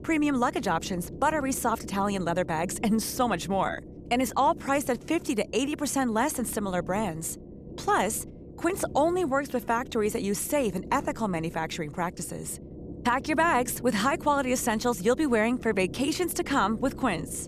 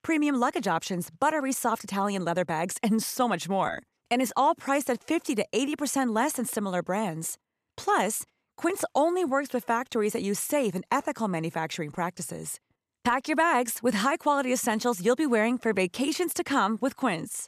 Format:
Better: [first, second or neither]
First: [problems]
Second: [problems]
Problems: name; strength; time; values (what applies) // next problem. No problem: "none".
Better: second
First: low rumble; noticeable; throughout; 20 dB below the speech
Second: none